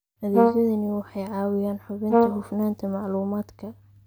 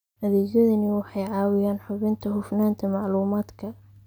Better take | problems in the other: second | background sound (Brass instrument); 2 dB above the speech

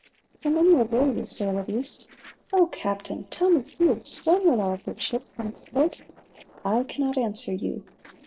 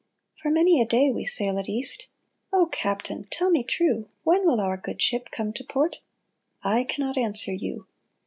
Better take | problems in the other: second | noise reduction (neural separator model SepFormer DNS4)

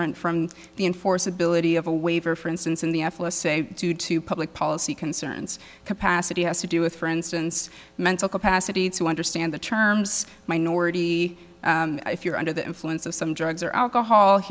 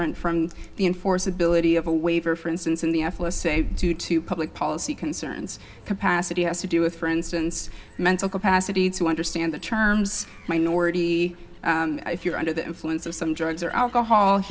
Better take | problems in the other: first | background sound (Gull, seagull); 12 dB below the speech // room echo; dies away in 0.3 s

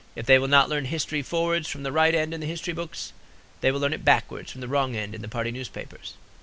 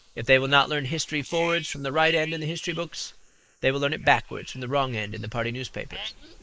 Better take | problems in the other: first | noise reduction (neural mask model Resemble Enhance denoiser)

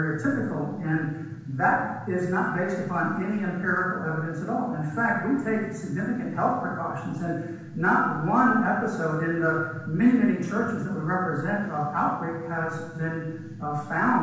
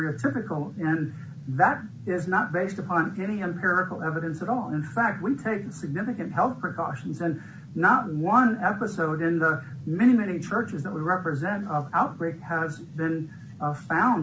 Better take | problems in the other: second | room echo; dies away in 1 s

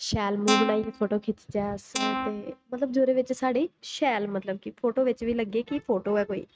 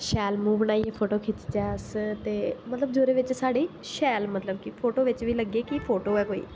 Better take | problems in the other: second | noise reduction (neural mask model RNNoise)

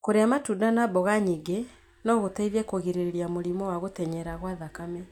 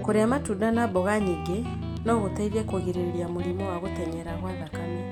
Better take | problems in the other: first | background sound (Guitar); 5 dB below the speech

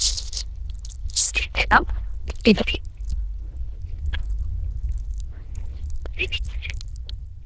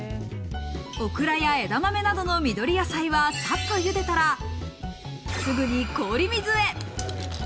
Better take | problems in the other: second | noise reduction (neural diffusion model UNIVERSE++)

